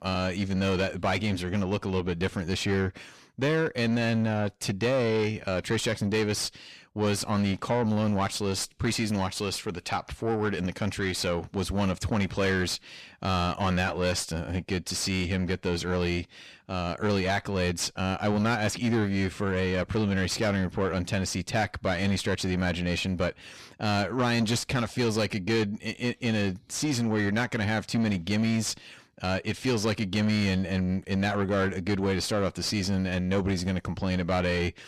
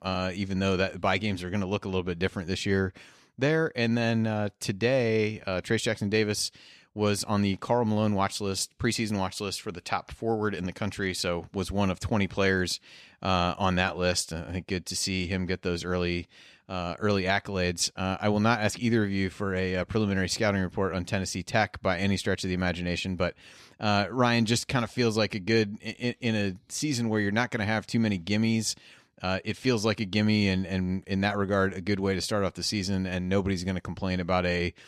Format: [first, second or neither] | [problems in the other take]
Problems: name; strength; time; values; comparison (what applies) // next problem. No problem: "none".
second | distortion; slight; 10 dB below the speech